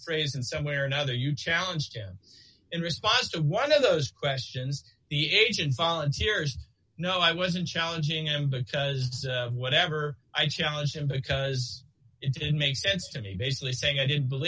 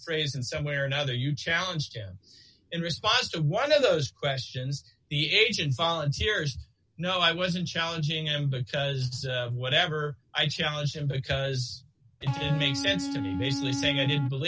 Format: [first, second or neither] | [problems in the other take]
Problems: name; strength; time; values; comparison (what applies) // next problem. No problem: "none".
first | background sound (Electric guitar); 4 dB below the speech